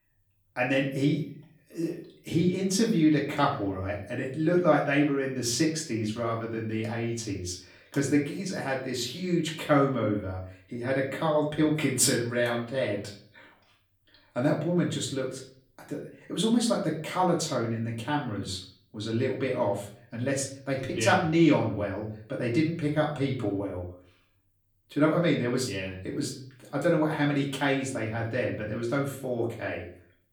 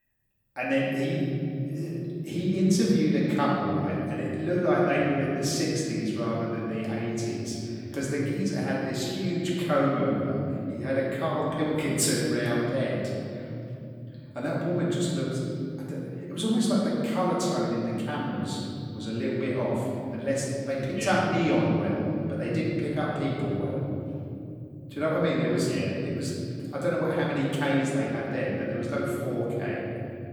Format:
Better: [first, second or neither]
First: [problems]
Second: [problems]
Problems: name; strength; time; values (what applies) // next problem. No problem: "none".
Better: first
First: room echo; slight; dies away in 0.5 s // off-mic speech; far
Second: room echo; strong; dies away in 3 s // off-mic speech; far